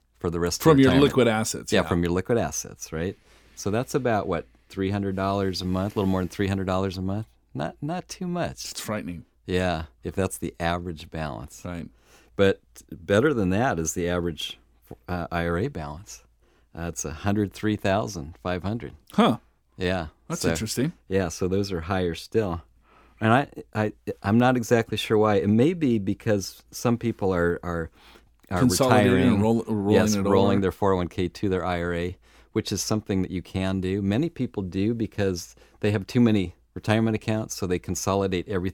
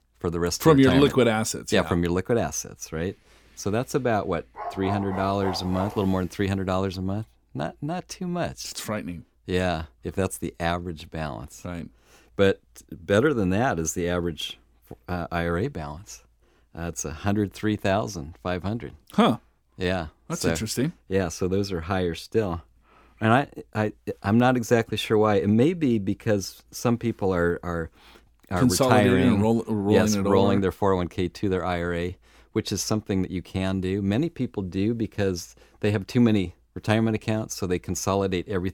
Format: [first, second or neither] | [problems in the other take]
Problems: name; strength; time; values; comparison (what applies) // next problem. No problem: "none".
first | dog barking; noticeable; from 4.5 to 6 s; peak 7 dB below the speech